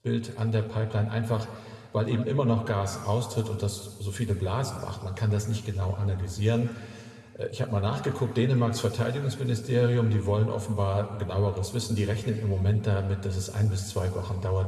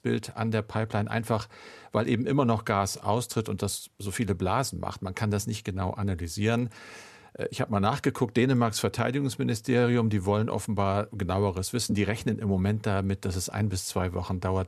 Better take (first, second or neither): second